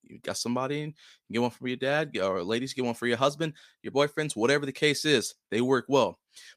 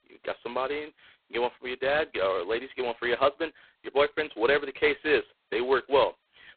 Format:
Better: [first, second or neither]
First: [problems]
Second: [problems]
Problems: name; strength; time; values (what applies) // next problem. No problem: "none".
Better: first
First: none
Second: phone-call audio; poor line; nothing above 4 kHz